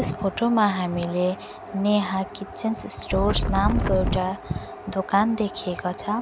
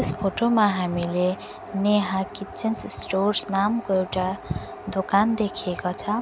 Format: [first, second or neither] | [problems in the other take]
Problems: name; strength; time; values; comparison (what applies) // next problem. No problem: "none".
second | background sound (Wind); 1 dB above the speech